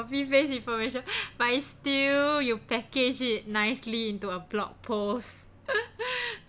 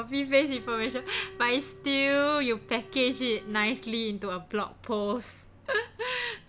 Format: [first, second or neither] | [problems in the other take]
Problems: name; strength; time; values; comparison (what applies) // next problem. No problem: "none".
first | background sound (Wind instrument, woodwind instrument); 18 dB below the speech